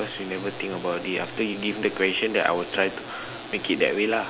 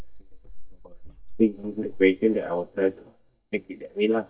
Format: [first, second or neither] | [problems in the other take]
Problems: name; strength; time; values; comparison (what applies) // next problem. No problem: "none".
first | noise reduction (neural mask model DeepFilterNet 3)